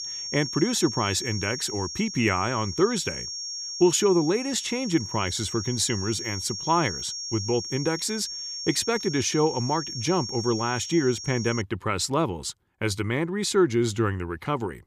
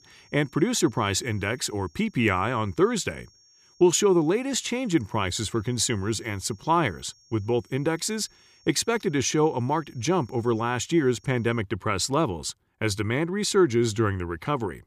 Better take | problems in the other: second | high-pitched whine; loud; until 12 s; 5.5 kHz, 6 dB below the speech; faint in the second

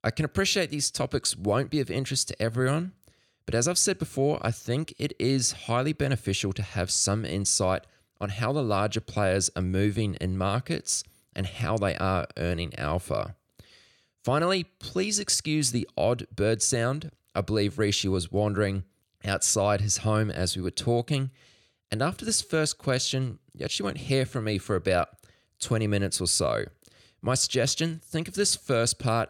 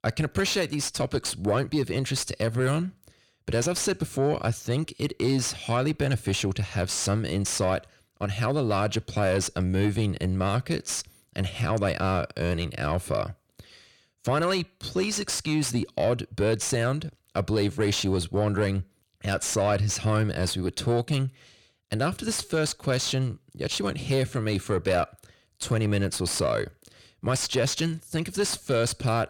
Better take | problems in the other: first | distortion; slight; 10 dB below the speech

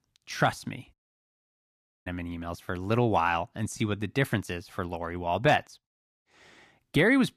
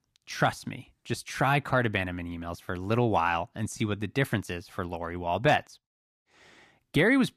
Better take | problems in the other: second | audio cutting out; at 1 s for 1 s

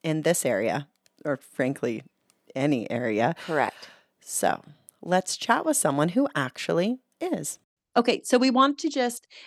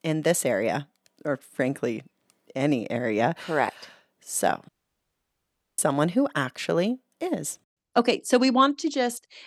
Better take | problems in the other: first | audio cutting out; at 4.5 s for 1 s

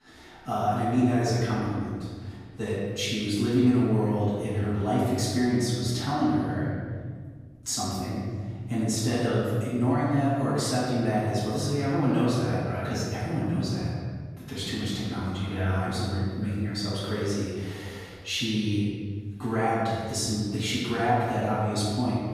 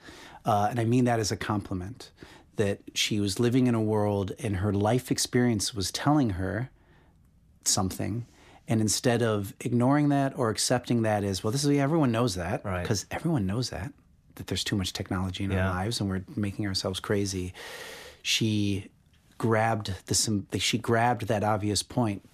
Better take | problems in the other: second | off-mic speech; far // room echo; strong; dies away in 1.7 s

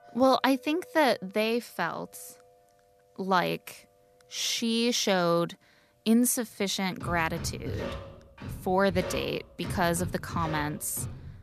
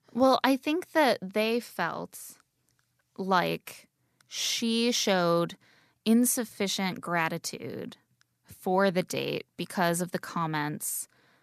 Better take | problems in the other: second | background music; noticeable; throughout; 10 dB below the speech

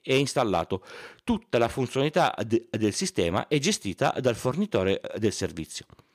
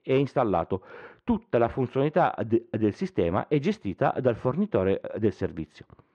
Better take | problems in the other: first | muffled; very; fading above 1.5 kHz

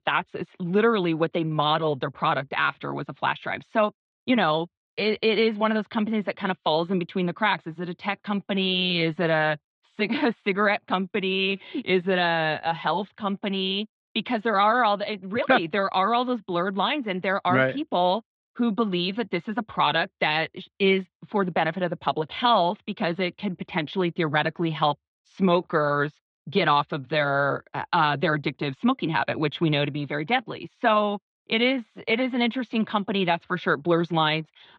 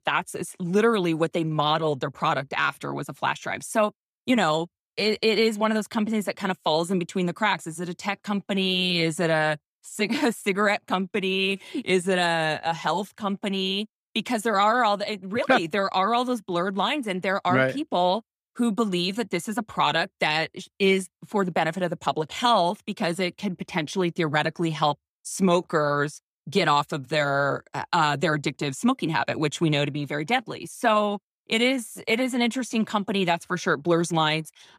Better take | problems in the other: second | muffled; very slightly; fading above 3.5 kHz

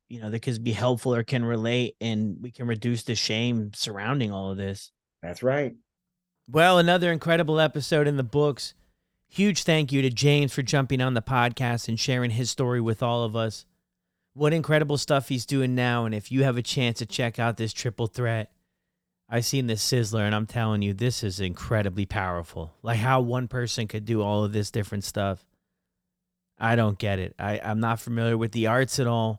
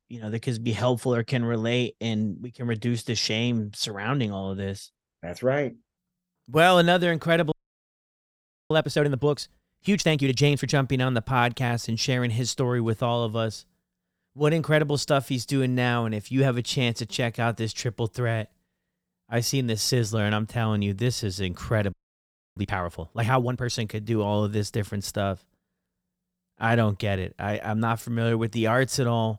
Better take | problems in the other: first | audio freezing; at 7.5 s for 1 s and at 22 s for 0.5 s

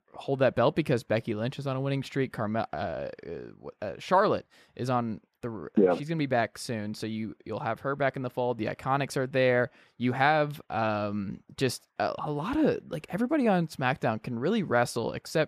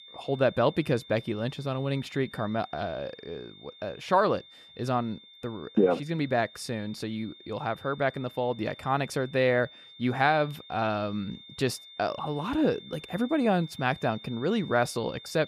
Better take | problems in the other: first | high-pitched whine; noticeable; throughout; 3.5 kHz, 20 dB below the speech

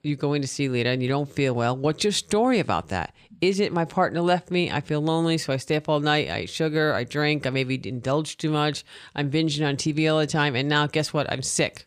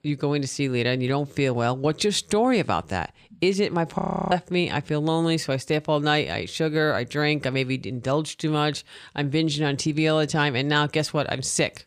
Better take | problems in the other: first | audio freezing; at 4 s

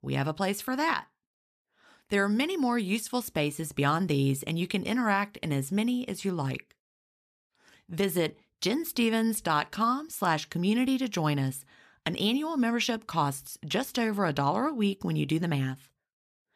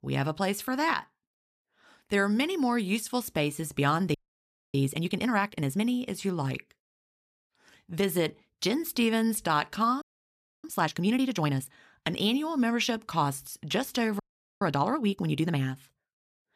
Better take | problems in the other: first | audio freezing; at 4 s for 0.5 s, at 10 s for 0.5 s and at 14 s

